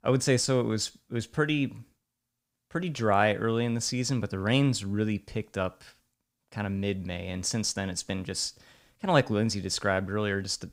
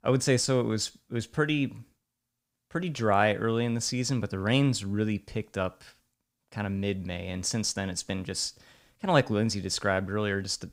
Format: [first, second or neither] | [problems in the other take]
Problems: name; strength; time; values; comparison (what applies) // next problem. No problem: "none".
neither | none